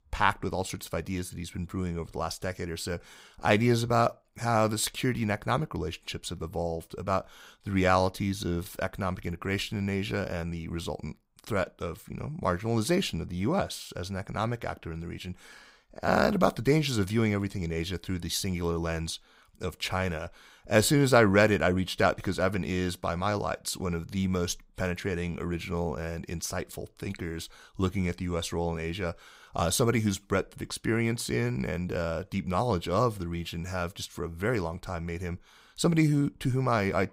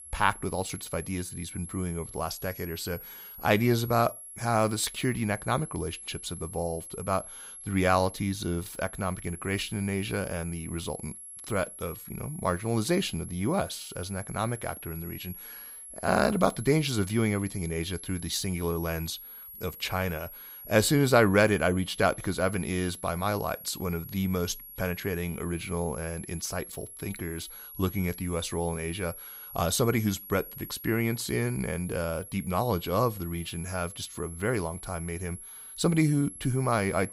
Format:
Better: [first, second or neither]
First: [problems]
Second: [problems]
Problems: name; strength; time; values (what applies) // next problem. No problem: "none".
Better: first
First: none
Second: high-pitched whine; noticeable; throughout; 11 kHz, 10 dB below the speech